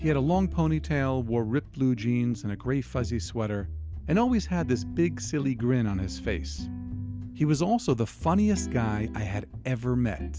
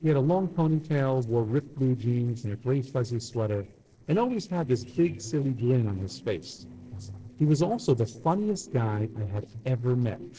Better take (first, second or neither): first